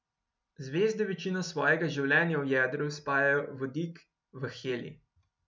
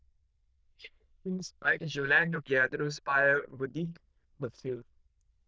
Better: first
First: none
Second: noise reduction (neural diffusion model UNIVERSE++)

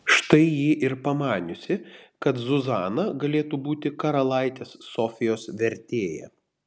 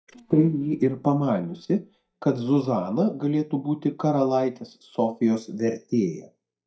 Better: first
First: none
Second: noise reduction (neural mask model DeepFilterNet 3)

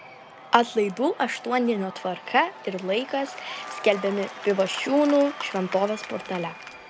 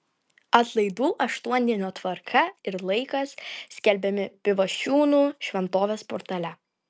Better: second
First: background sound (Applause / Crowd / Cheering); 14 dB below the speech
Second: none

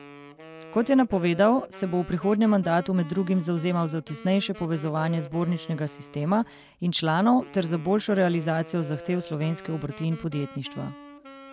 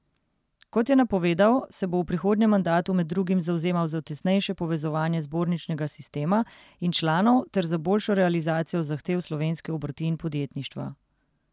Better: second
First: background sound (Wind instrument, woodwind instrument); 18 dB below the speech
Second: none

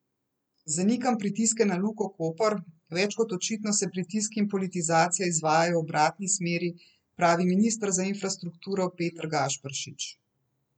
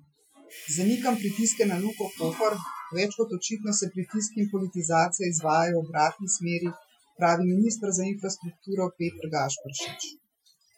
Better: first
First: none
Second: noise reduction (classical method Wiener filter)

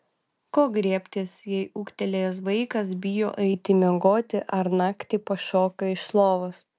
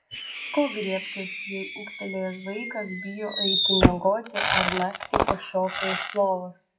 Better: first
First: none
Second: noise reduction (classical method WPE with log-MMSE)

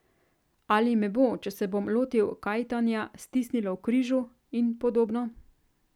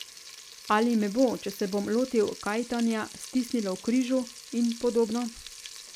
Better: first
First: none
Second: background sound (Frying (food)); 16 dB below the speech

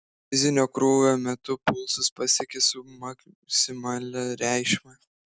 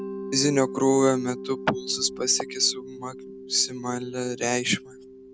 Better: first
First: none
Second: background sound (Mallet percussion); 12 dB below the speech

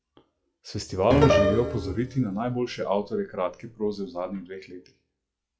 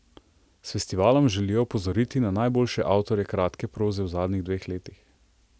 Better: second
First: noise reduction (classical method WPE with log-MMSE)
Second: none

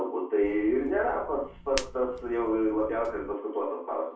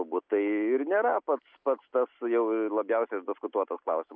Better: second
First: background sound (Hands); 14 dB below the speech // room echo; dies away in 0.4 s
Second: none

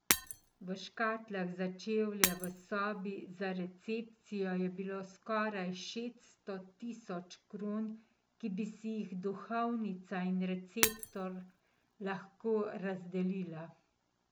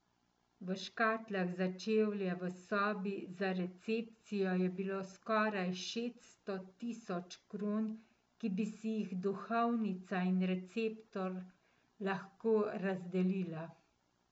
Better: second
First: background sound (Shatter); as loud as the speech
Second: none

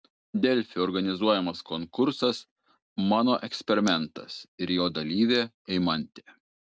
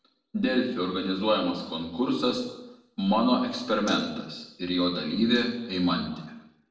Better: first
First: none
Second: room echo; dies away in 0.8 s

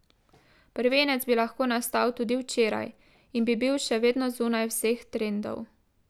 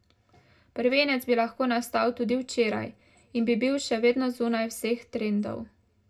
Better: first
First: none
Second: room echo; dies away in 0.2 s

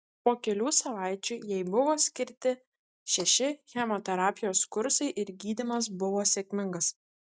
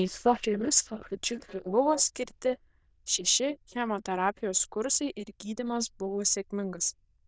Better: first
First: none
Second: noise reduction (neural diffusion model UNIVERSE++)

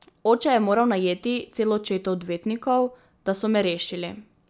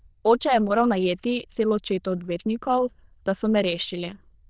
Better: first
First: none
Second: noise reduction (neural diffusion model UNIVERSE++)

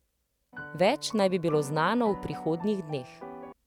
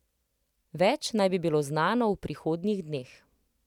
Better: second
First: background sound (Piano); 13 dB below the speech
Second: none

